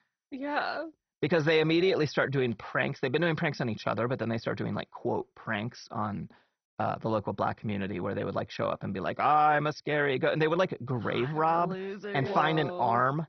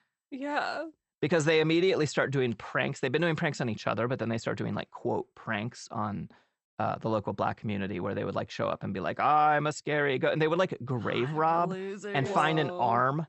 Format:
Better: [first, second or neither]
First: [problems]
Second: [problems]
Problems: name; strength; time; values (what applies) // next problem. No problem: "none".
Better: second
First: garbled, watery; badly; nothing above 6 kHz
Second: garbled, watery; slightly; nothing above 8 kHz